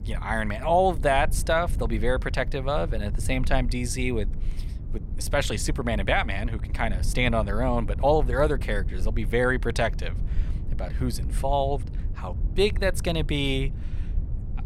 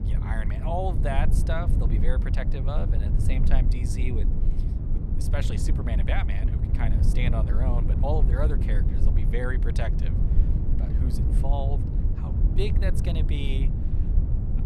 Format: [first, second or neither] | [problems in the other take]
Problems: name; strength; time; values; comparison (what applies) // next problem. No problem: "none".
first | low rumble; loud; throughout; 5 dB below the speech; faint in the first